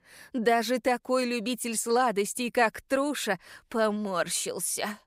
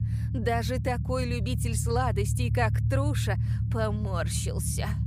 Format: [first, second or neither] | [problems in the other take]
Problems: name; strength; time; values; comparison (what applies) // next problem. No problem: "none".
first | low rumble; noticeable; throughout; 10 dB below the speech